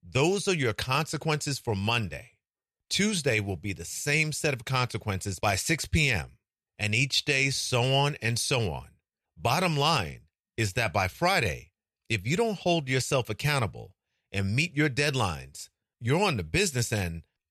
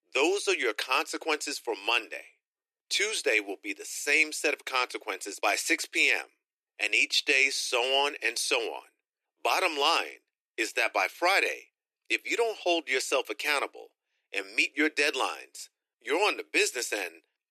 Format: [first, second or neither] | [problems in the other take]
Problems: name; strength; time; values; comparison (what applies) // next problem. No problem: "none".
first | thin; very; fading below 300 Hz